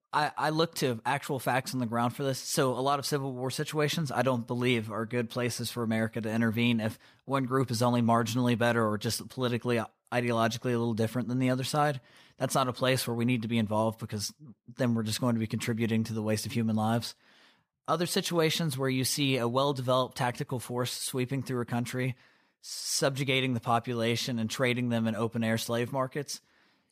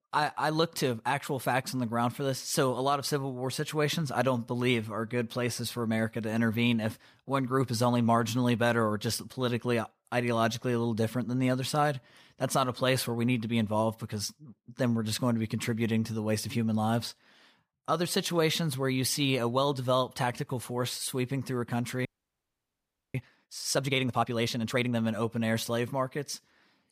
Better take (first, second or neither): first